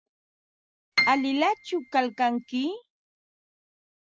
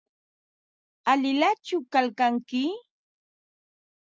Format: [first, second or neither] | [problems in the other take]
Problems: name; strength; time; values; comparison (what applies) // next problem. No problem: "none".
second | background sound (Piano); 3 dB below the speech